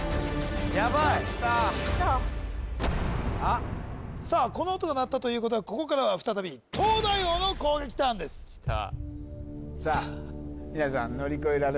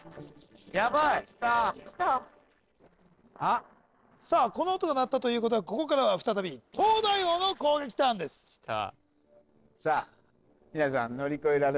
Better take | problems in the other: first | noise reduction (neural separator model SepFormer DNS4)

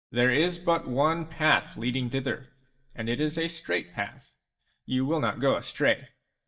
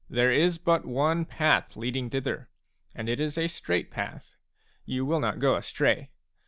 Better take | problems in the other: second | noise reduction (neural mask model DeepFilterNet 3)

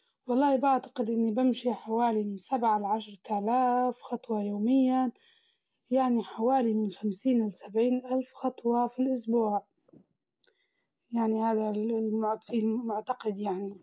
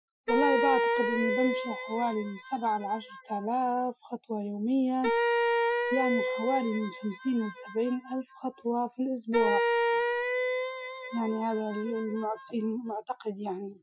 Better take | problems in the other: first | noise reduction (classical method Wiener filter)

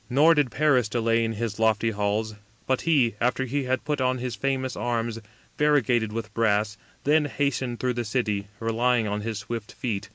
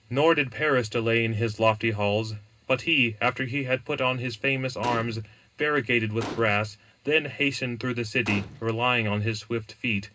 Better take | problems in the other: first | background sound (Gunshot, gunfire); 14 dB below the speech // room echo; dies away in 0.2 s

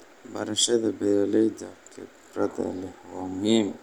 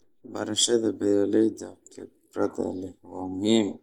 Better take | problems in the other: first | noise reduction (neural mask model Resemble Enhance denoiser)

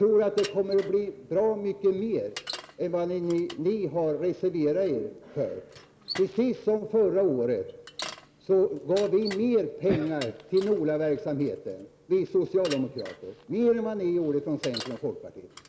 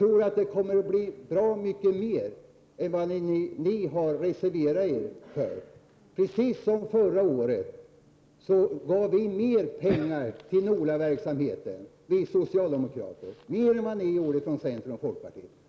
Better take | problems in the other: second | background sound (Bicycle); 18 dB below the speech

